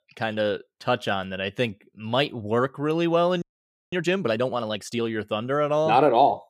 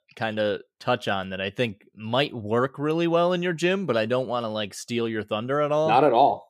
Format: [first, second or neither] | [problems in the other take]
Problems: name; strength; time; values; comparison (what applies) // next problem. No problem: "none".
second | audio freezing; at 3.5 s for 0.5 s